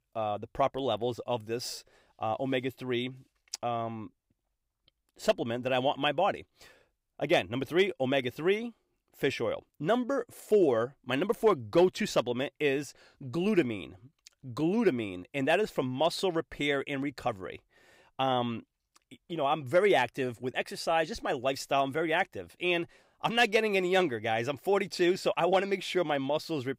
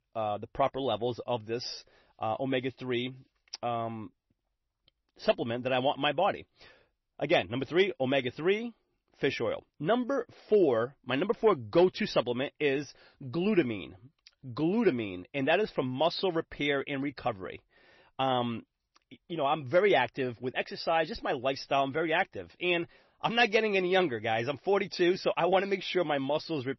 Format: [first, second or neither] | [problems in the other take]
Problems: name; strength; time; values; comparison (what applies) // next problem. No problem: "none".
first | garbled, watery; slightly; nothing above 6 kHz